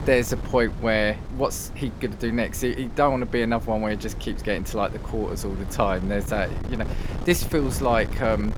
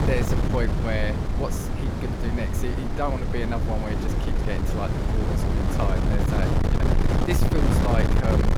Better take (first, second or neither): first